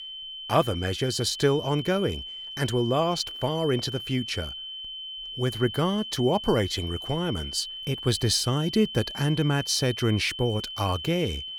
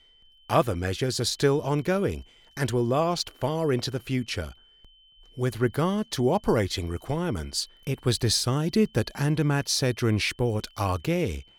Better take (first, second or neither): second